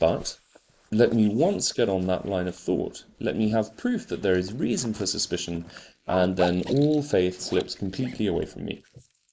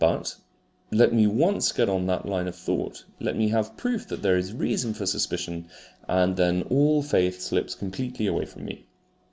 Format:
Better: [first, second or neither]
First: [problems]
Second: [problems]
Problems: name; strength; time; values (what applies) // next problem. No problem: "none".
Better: second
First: noise reduction (neural mask model Resemble Enhance denoiser)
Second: none